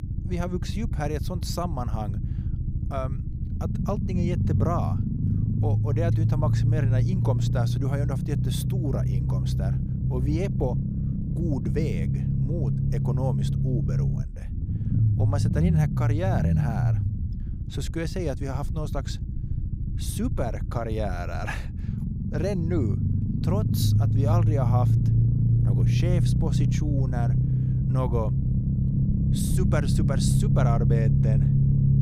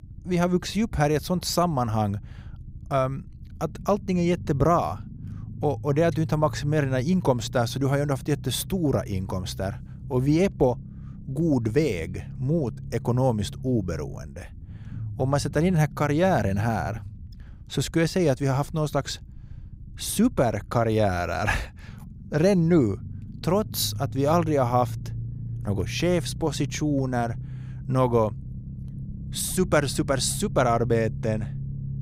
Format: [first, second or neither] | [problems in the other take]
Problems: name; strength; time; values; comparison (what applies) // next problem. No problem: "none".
second | low rumble; loud; throughout; 2 dB below the speech; faint in the second